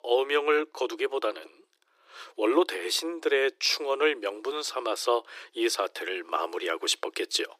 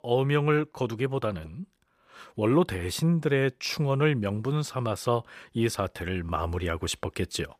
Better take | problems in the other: second | thin; very; fading below 300 Hz

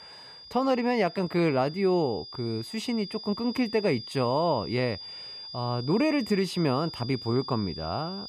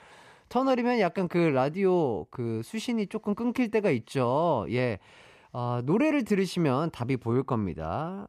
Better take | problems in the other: second | high-pitched whine; noticeable; throughout; 5 kHz, 10 dB below the speech

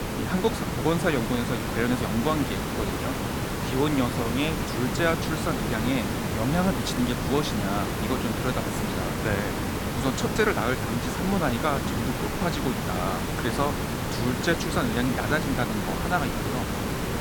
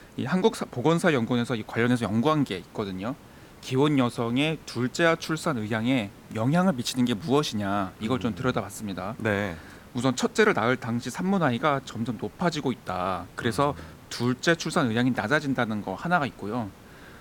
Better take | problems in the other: second | hiss; loud; throughout; as loud as the speech; faint in the second

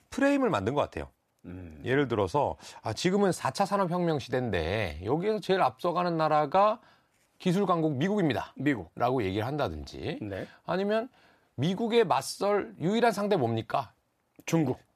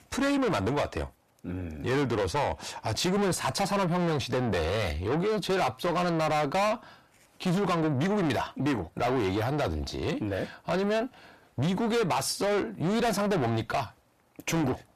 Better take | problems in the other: first | distortion; heavy; 6 dB below the speech

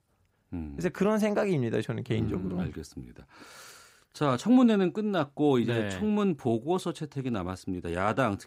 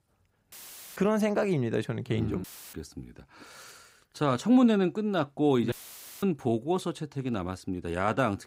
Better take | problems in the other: first | audio cutting out; filled with static; at 0.5 s, at 2.5 s and at 5.5 s for 0.5 s

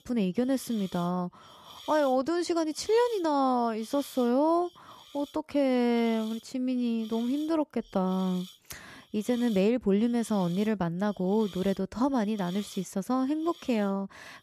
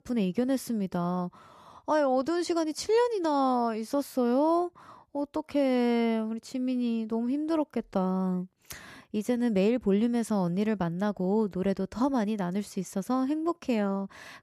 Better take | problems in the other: second | hiss; faint; throughout; 20 dB below the speech

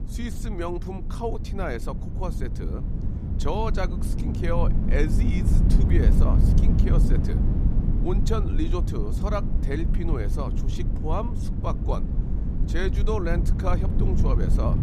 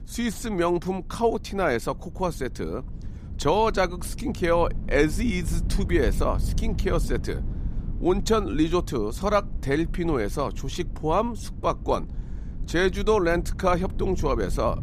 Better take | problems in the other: second | low rumble; loud; throughout; 5 dB below the speech; faint in the second

